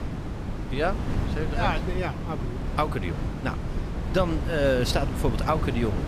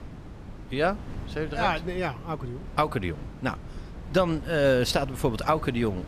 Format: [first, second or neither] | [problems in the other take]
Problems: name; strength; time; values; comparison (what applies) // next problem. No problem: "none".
second | wind noise on the microphone; heavy; 9 dB below the speech; occasional gusts in the second